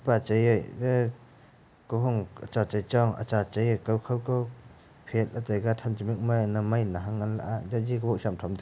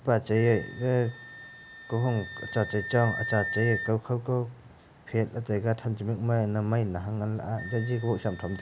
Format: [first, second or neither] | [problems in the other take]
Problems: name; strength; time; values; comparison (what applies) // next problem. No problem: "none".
first | background sound (Wind instrument, woodwind instrument); 12 dB below the speech